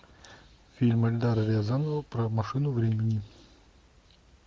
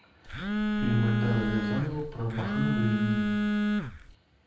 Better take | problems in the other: first | background sound (Telephone); 2 dB above the speech // room echo; dies away in 0.8 s

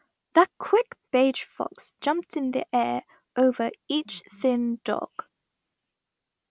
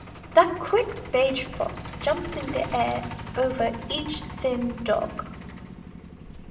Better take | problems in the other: first | background sound (Truck); 10 dB below the speech // room echo; dies away in 0.6 s

